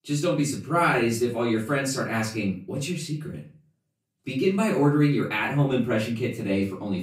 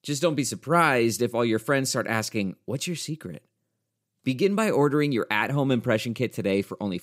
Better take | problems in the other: second | off-mic speech; far // room echo; slight; dies away in 0.3 s

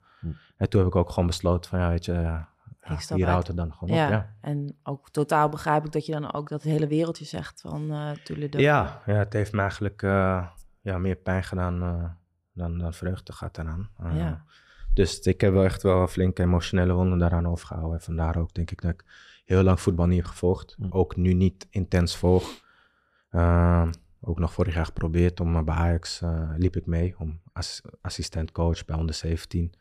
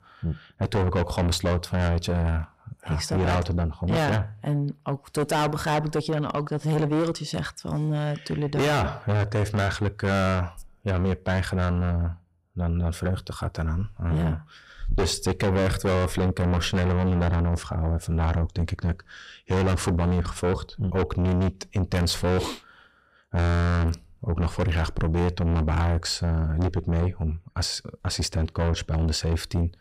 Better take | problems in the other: first | distortion; heavy; 5 dB below the speech

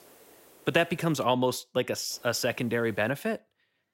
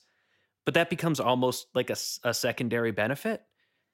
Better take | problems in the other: second | hiss; faint; until 1.5 s and from 2 to 3 s; 25 dB below the speech

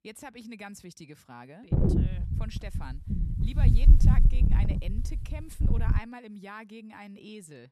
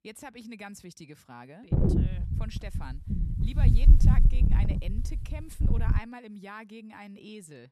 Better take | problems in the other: neither | wind noise on the microphone; heavy; from 1.5 to 6 s; 4 dB above the speech; the same in both

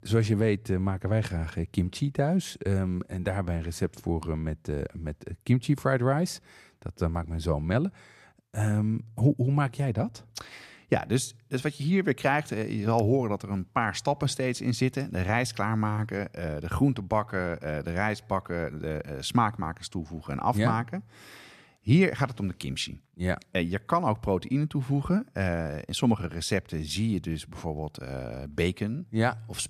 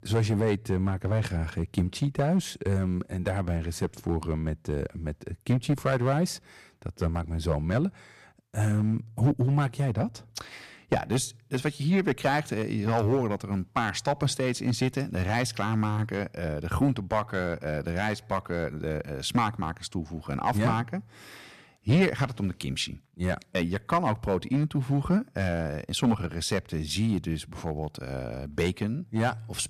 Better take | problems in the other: first | distortion; slight; 3% of the sound clipped

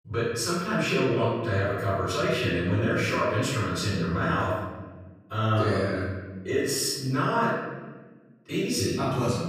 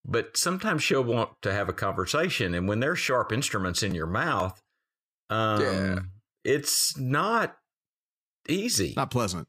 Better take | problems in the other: second | room echo; strong; dies away in 1.3 s // off-mic speech; far

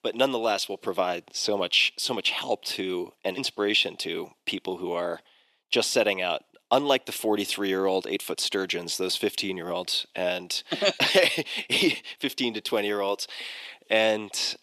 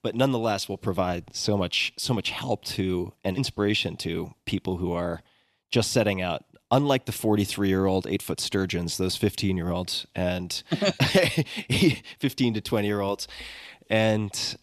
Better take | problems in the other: second | thin; somewhat; fading below 400 Hz

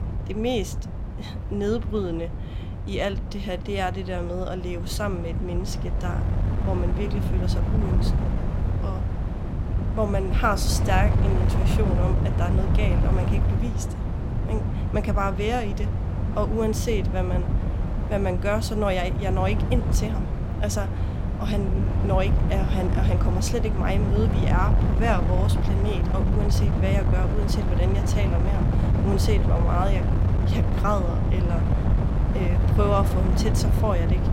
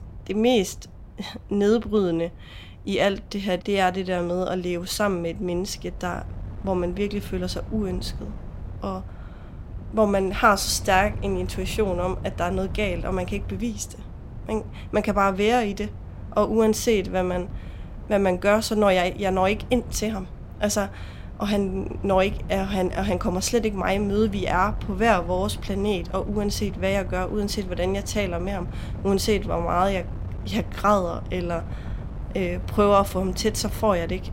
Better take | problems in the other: second | wind noise on the microphone; heavy; 5 dB below the speech; occasional gusts in the second

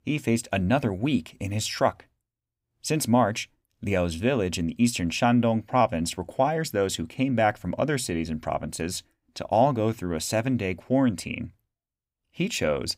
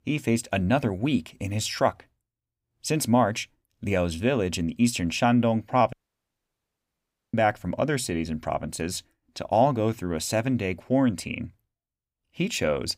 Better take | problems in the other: first | audio cutting out; at 6 s for 1.5 s

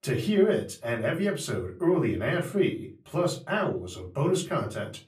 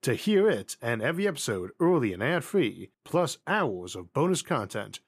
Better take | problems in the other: second | off-mic speech; far // room echo; very slight; dies away in 0.3 s

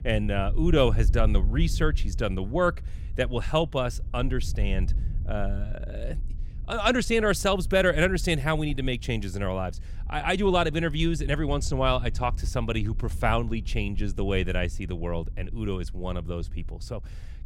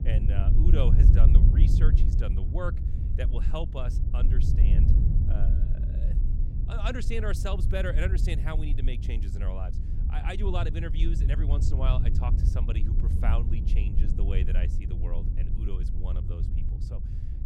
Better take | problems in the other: first | low rumble; loud; throughout; 5 dB below the speech; faint in the first

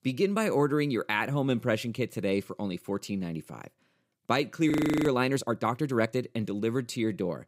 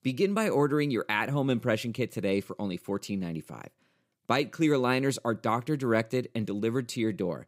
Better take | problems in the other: second | audio freezing; at 4.5 s

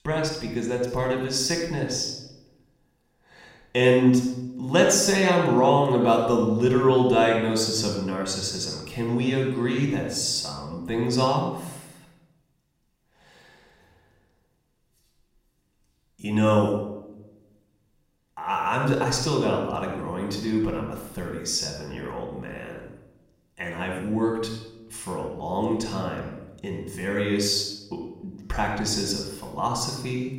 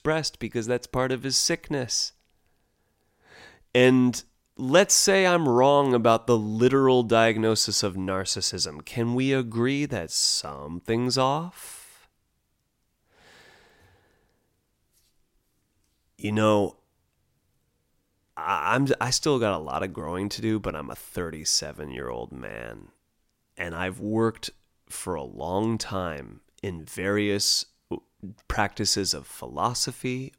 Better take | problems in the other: second | off-mic speech; somewhat distant // room echo; noticeable; dies away in 0.8 s

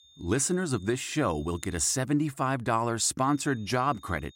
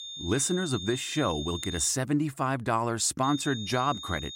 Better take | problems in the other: first | high-pitched whine; loud; until 2 s and from 3 s on; 3.5 kHz, 9 dB below the speech; faint in the first

